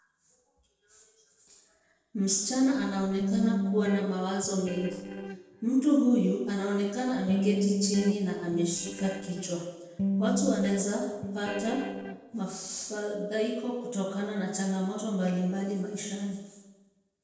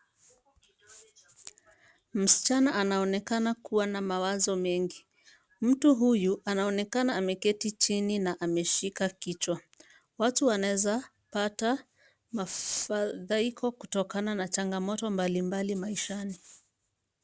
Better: second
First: noise reduction (neural separator model SepFormer DNS4)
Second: none

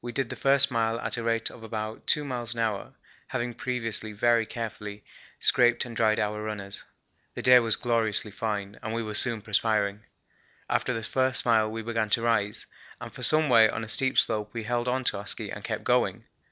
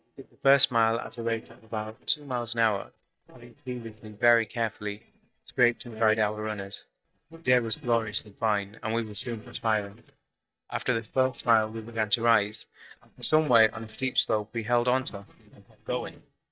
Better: first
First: none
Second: noise reduction (neural mask model DeepFilterNet 3)

